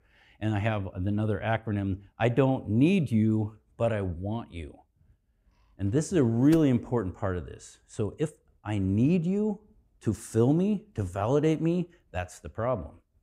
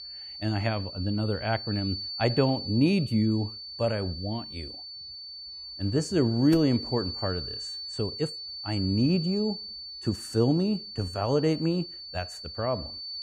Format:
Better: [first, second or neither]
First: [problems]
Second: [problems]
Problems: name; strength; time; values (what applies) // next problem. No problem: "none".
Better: first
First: none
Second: high-pitched whine; loud; throughout; 4.5 kHz, 8 dB below the speech